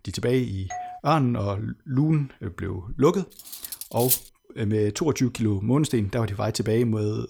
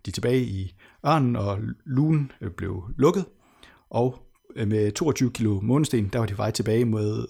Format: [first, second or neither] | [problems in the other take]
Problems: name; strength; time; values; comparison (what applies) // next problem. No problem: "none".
second | doorbell; faint; at 0.5 s; peak 10 dB below the speech // clattering dishes; loud; at 3.5 s; peak 1 dB above the speech